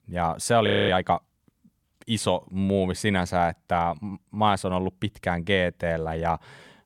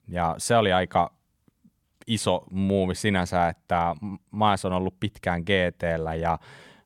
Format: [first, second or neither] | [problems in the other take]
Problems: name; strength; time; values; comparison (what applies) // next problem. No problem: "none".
second | audio freezing; at 0.5 s